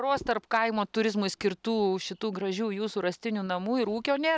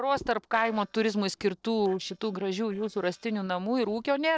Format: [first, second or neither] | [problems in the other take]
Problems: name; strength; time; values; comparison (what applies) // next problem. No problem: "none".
first | noise reduction (neural separator model SepFormer DNS4)